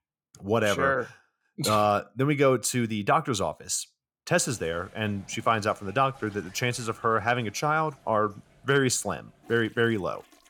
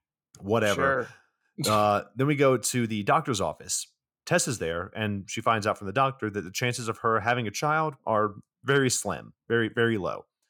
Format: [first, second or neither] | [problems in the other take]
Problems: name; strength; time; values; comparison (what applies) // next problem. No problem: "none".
second | household noises; faint; from 4.5 s on; 25 dB below the speech